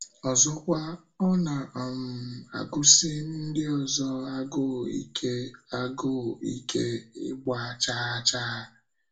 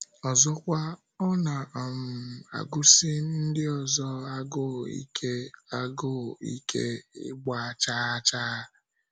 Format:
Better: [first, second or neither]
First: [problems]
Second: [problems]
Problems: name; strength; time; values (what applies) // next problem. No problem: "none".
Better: second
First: room echo; dies away in 0.2 s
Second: none